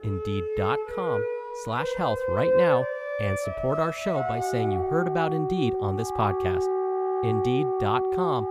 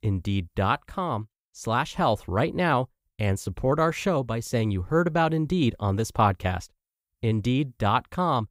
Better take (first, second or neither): second